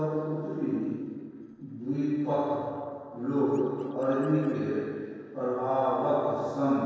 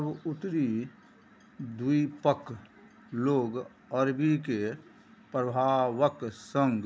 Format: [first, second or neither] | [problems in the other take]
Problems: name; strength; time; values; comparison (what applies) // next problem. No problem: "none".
second | noise reduction (neural separator model SepFormer DNS4)